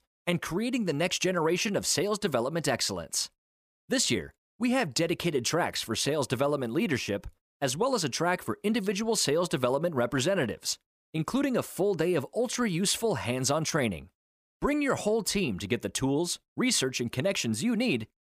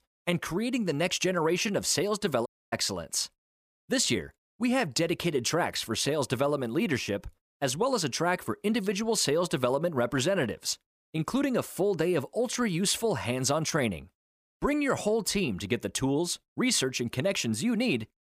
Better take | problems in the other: first | audio cutting out; at 2.5 s

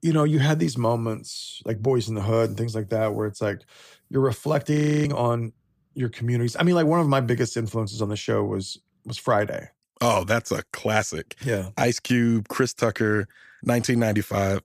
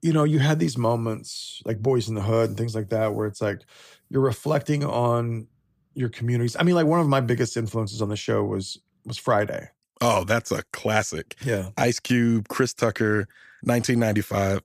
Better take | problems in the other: second | audio freezing; at 4.5 s

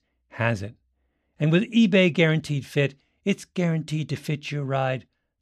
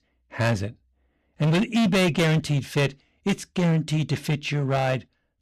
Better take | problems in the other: first | distortion; heavy; 14% of the sound clipped

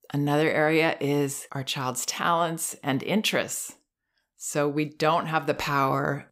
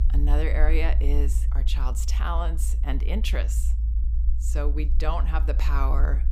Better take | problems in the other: first | low rumble; noticeable; throughout; 15 dB below the speech

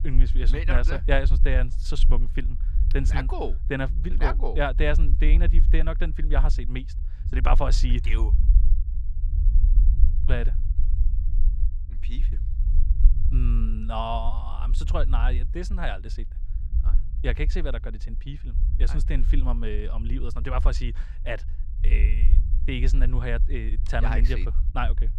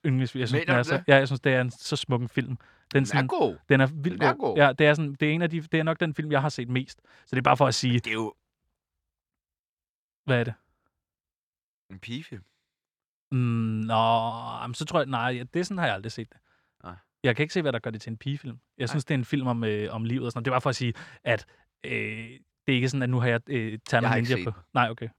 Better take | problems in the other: second | low rumble; noticeable; throughout; 15 dB below the speech

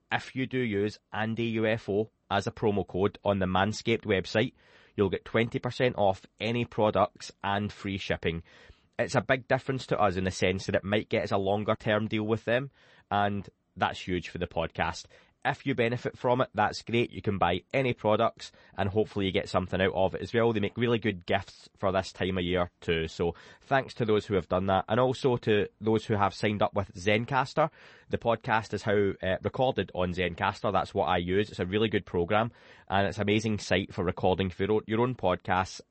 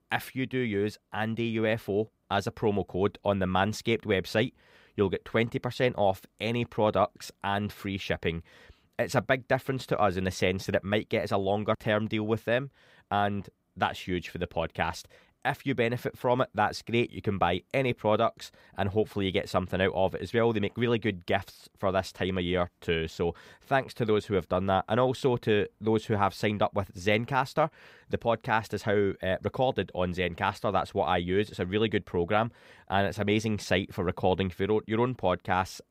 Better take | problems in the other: second | garbled, watery; slightly; nothing above 8 kHz

